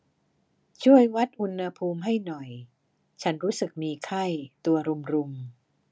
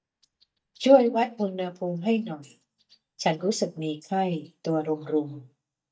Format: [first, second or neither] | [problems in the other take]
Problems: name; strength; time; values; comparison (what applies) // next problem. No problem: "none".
first | noise reduction (neural mask model DeepFilterNet 3)